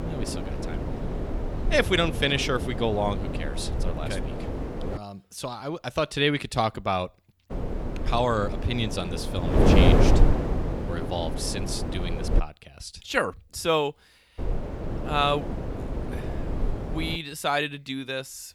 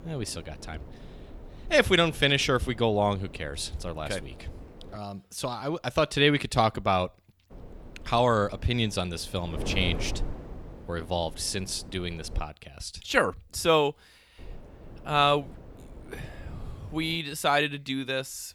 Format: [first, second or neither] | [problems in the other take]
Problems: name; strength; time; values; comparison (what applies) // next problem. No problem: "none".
second | wind noise on the microphone; heavy; until 5 s, from 7.5 to 12 s and from 14 to 17 s; 6 dB below the speech; occasional gusts in the second